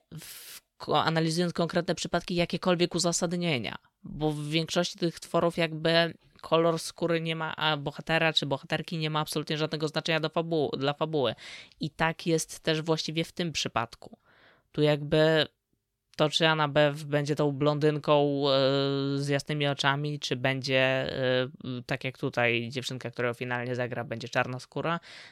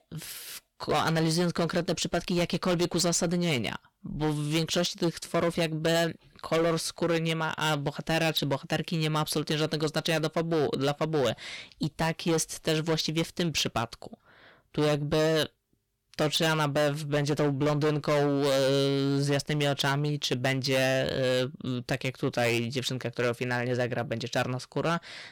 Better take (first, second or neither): first